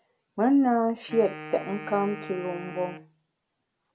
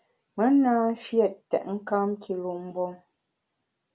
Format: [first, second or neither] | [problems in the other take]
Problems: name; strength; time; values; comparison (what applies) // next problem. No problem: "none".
second | background sound (Wind instrument, woodwind instrument); 14 dB below the speech